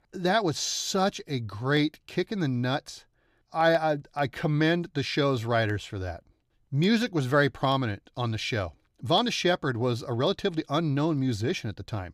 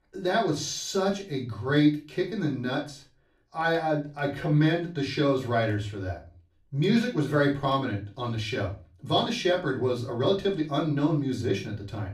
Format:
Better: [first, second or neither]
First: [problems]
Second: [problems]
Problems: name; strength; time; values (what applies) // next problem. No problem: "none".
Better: first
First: none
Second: off-mic speech; far // room echo; slight; dies away in 0.3 s